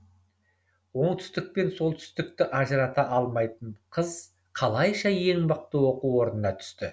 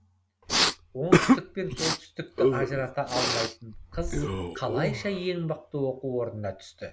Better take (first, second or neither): first